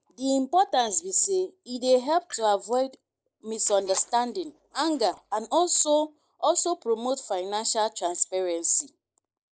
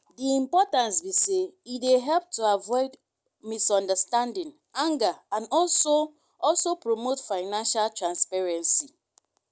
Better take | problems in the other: second | noise reduction (neural mask model Resemble Enhance denoiser)

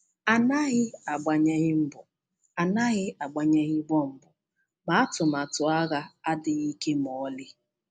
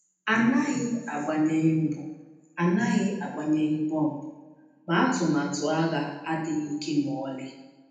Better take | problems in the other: first | room echo; dies away in 0.9 s

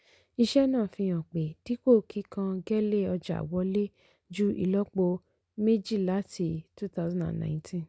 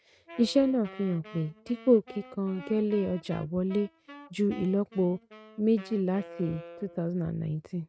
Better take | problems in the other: first | noise reduction (neural mask model RNNoise)

